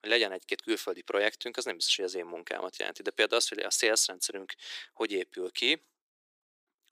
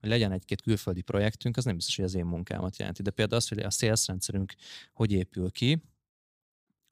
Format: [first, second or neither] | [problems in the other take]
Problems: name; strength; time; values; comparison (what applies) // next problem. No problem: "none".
second | thin; very; fading below 350 Hz